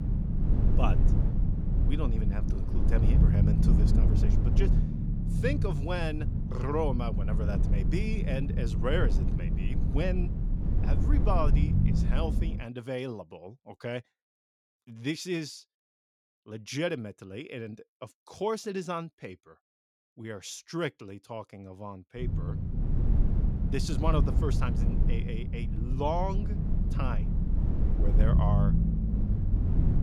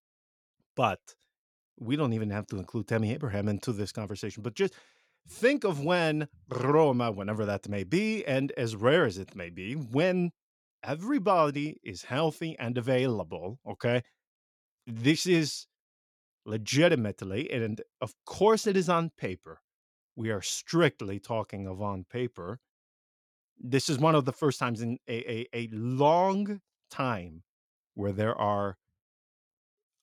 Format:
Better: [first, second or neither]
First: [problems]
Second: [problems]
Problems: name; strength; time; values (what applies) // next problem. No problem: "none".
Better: second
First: low rumble; loud; until 13 s and from 22 s on; 4 dB below the speech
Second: none